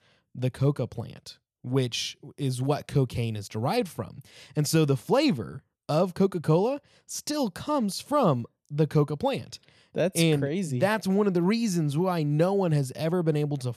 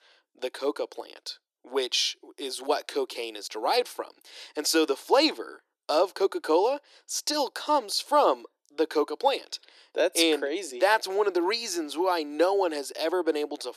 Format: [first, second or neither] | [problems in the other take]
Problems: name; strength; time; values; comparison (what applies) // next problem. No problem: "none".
first | thin; very; fading below 300 Hz